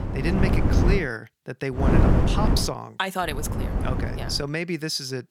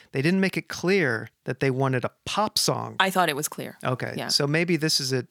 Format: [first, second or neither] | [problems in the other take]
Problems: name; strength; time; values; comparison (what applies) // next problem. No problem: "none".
second | wind noise on the microphone; heavy; at the start, at 2 s and from 3.5 to 4.5 s; 1 dB below the speech